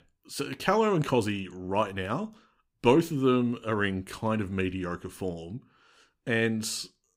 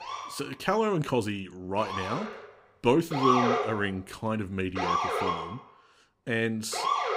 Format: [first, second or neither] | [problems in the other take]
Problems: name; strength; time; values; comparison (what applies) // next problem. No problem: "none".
first | siren; loud; peak 6 dB above the speech